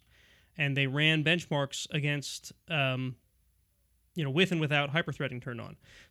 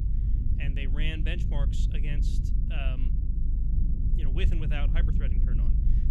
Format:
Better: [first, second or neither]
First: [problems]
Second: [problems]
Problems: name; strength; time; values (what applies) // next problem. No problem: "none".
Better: first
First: none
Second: low rumble; loud; throughout; 6 dB below the speech